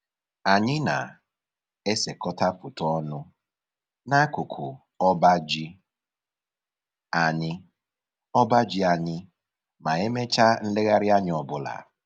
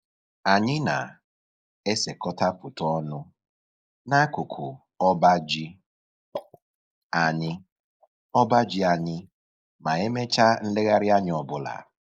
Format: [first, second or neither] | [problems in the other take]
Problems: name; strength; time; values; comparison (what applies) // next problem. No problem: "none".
first | noise reduction (neural mask model Resemble Enhance denoiser)